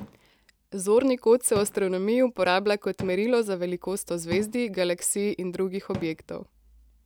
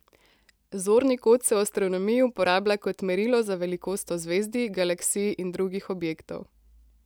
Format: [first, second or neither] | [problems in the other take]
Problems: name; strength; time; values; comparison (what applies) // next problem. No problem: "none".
second | background sound (Cupboard open or close / Drawer open or close); 17 dB below the speech